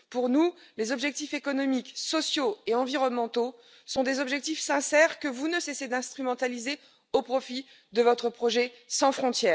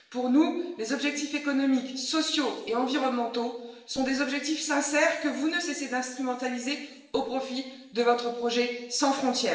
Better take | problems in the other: first | room echo; dies away in 0.9 s

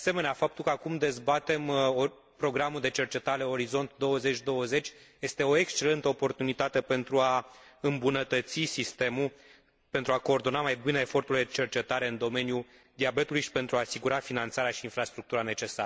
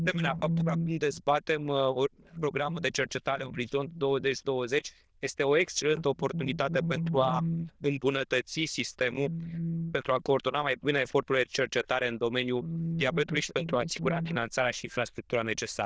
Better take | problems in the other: first | noise reduction (neural diffusion model UNIVERSE++)

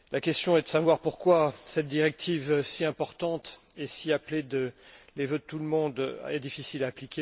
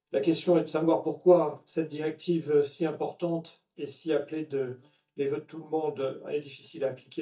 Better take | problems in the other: first | noise reduction (neural mask model DeepFilterNet 3)

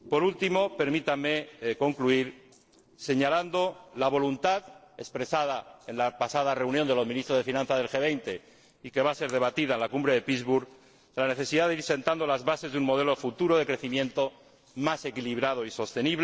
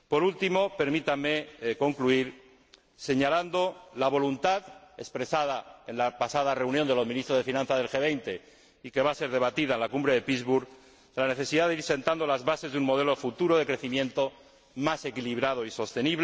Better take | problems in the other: second | noise reduction (neural separator model SepFormer DNS4)

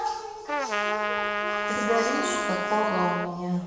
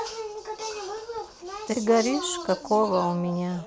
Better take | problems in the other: second | background sound (Trumpet); as loud as the speech // room echo; dies away in 1.1 s

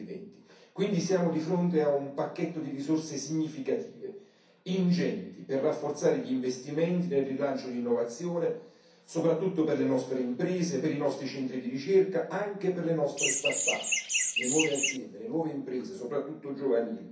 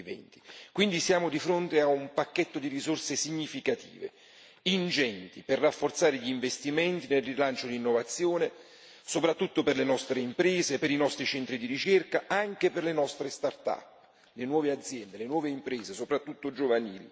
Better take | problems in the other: second | background sound (Chirp, tweet); 1 dB above the speech // room echo; dies away in 0.6 s

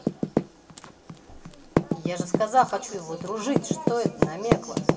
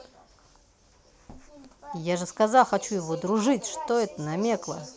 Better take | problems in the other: second | background sound (Typing); 2 dB above the speech // room echo; dies away in 1.1 s

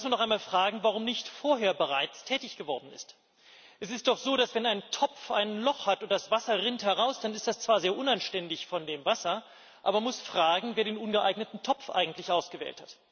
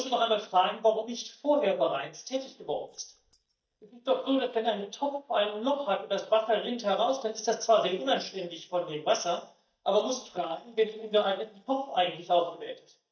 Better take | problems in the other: first | noise reduction (neural mask model DeepFilterNet 3)

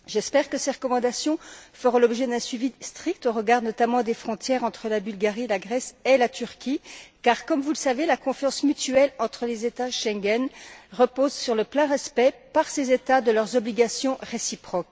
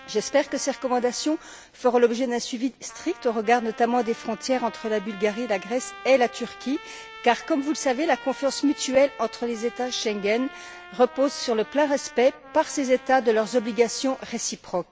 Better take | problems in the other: first | background sound (Trumpet); 20 dB below the speech

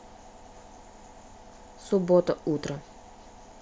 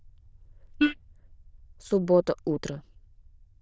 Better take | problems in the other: first | noise reduction (neural diffusion model UNIVERSE++)

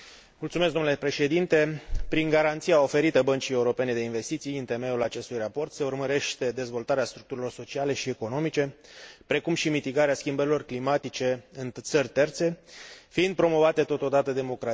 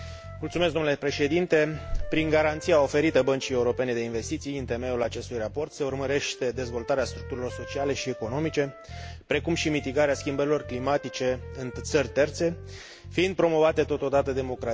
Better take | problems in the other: first | background sound (Wind instrument, woodwind instrument + Bass guitar); 14 dB below the speech

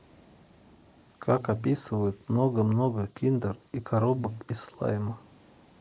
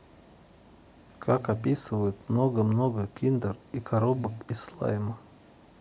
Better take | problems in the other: second | noise reduction (neural mask model Resemble Enhance denoiser)

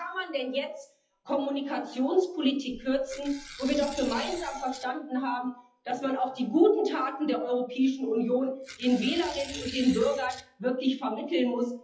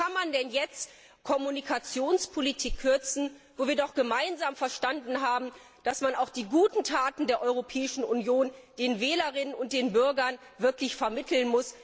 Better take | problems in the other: second | noise reduction (classical method WPE with log-MMSE)

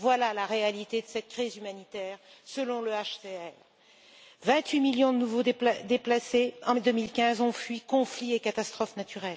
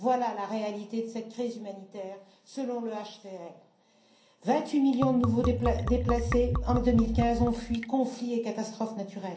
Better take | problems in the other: first | background sound (Liquid); 2 dB below the speech // room echo; dies away in 0.6 s

